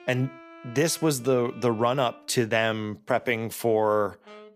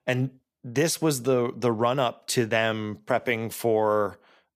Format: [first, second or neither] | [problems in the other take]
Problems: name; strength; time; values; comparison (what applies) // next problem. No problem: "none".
second | background music; faint; throughout; 25 dB below the speech